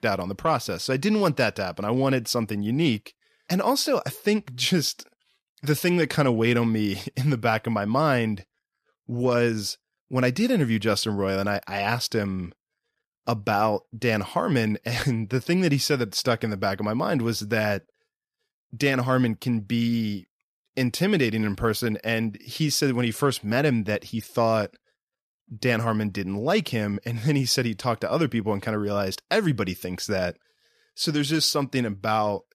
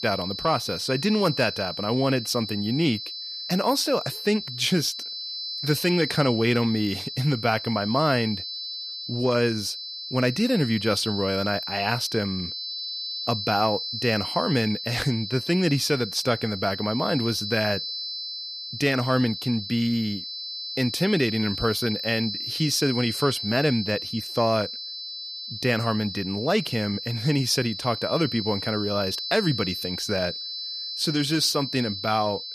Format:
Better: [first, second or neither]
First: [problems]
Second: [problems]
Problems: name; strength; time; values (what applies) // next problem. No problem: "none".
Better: first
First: none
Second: high-pitched whine; loud; throughout; 4 kHz, 6 dB below the speech